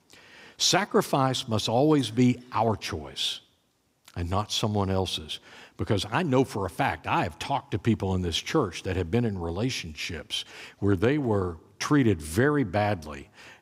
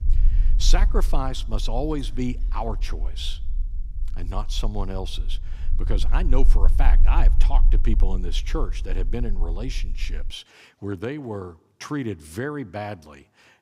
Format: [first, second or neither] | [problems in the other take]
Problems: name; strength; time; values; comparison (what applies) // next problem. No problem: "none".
first | low rumble; noticeable; until 10 s; 15 dB below the speech